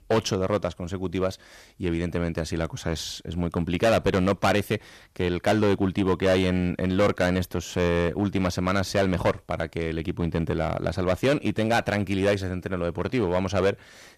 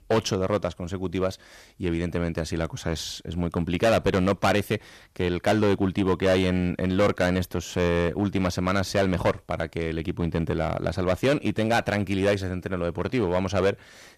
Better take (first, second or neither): neither